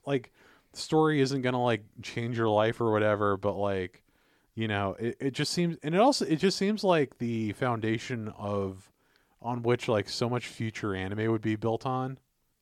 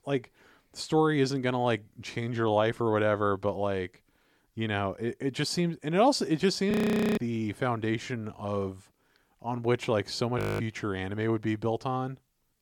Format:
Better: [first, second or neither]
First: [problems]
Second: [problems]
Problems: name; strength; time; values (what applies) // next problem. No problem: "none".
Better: first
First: none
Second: audio freezing; at 6.5 s and at 10 s